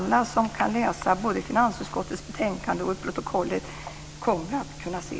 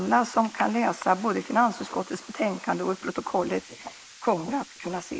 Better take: first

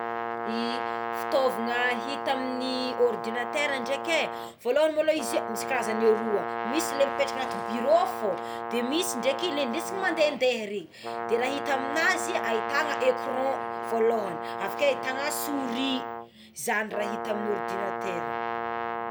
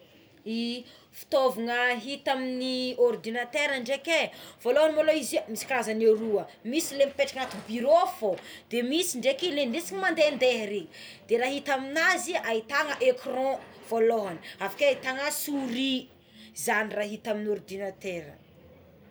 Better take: second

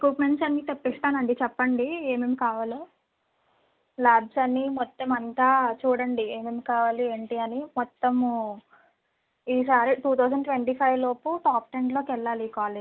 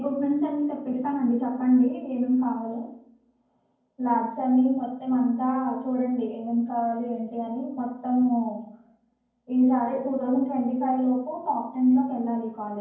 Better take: first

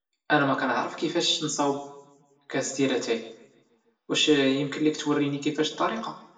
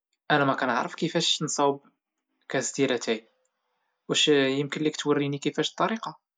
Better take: second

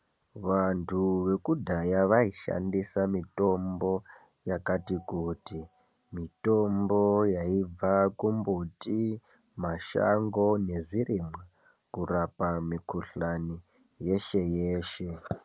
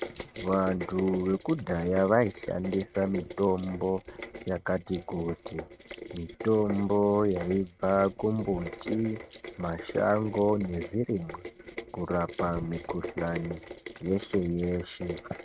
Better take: first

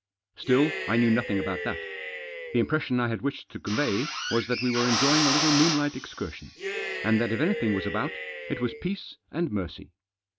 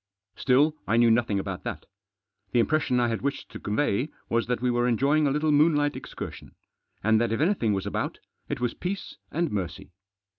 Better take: second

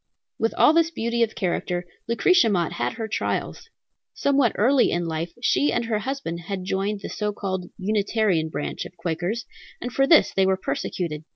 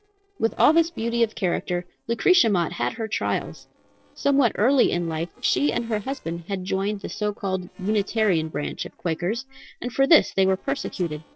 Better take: first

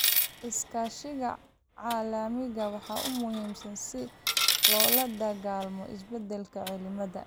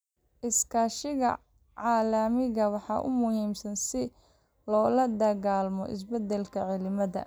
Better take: second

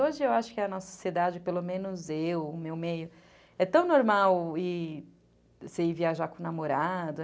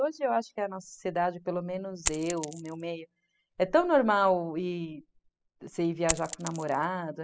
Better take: first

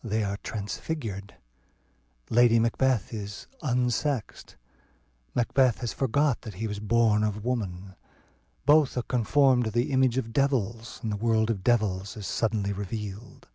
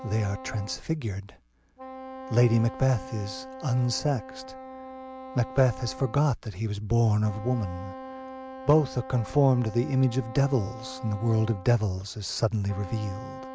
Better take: first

